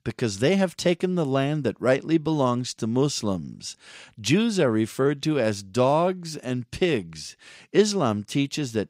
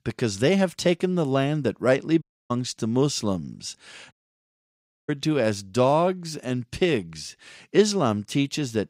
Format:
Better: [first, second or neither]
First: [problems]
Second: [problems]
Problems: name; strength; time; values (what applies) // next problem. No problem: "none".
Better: first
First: none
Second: audio cutting out; at 2 s and at 4 s for 1 s